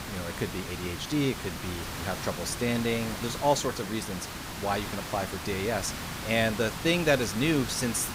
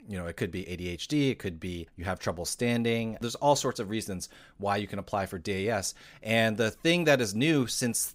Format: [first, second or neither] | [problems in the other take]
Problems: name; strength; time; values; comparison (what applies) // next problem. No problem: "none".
second | hiss; loud; throughout; 6 dB below the speech